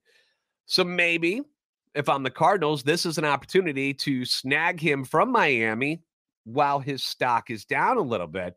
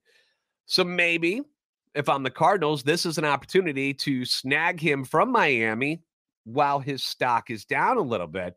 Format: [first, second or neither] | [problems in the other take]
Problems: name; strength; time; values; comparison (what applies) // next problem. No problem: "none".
neither | none